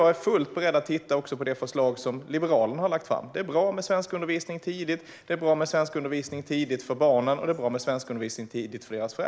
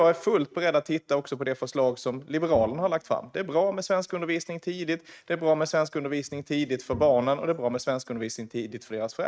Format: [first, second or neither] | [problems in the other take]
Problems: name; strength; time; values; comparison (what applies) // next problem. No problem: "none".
first | noise reduction (neural mask model RNNoise)